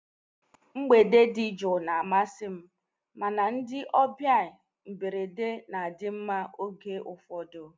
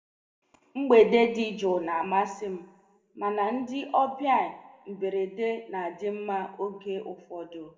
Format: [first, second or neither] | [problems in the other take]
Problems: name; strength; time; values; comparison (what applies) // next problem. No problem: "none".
first | room echo; dies away in 1.2 s